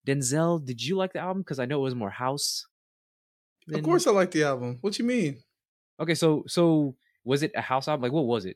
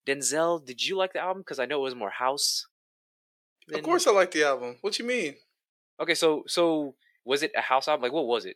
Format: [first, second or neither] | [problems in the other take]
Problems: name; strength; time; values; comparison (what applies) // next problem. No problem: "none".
first | thin; somewhat; fading below 500 Hz